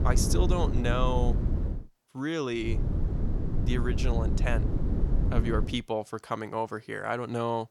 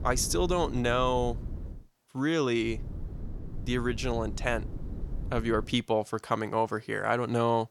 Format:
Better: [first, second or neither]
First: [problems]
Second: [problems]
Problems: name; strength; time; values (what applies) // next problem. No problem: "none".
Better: second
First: low rumble; loud; until 2 s and from 2.5 to 5.5 s; 8 dB below the speech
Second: low rumble; faint; until 2 s and from 2.5 to 5.5 s; 20 dB below the speech